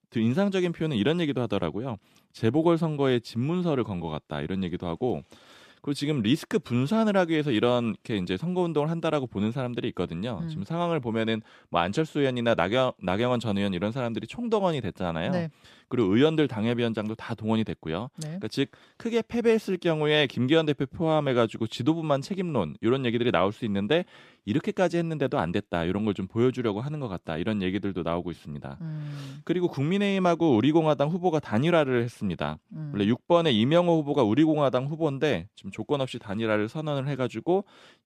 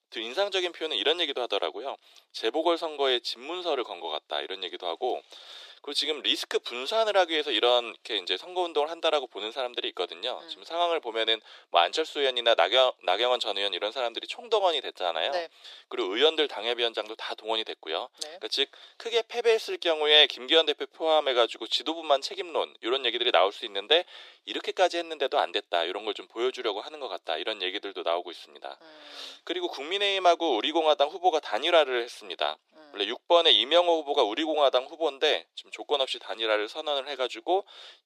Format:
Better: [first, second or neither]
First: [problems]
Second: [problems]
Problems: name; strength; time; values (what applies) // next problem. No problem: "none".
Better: first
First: none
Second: thin; very; fading below 400 Hz